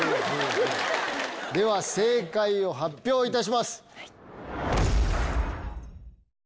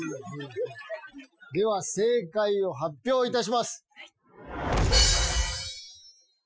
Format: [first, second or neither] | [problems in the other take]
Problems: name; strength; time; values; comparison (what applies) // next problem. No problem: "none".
first | noise reduction (classical method Wiener filter)